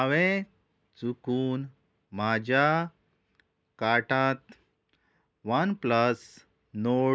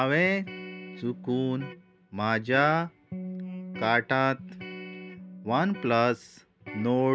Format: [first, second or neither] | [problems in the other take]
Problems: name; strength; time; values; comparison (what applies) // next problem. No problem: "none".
first | background sound (Electric guitar); 14 dB below the speech